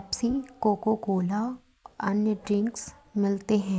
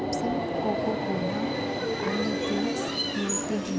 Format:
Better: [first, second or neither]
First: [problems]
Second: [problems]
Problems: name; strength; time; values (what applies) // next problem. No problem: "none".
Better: first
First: none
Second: background sound (Subway, metro, underground); 4 dB above the speech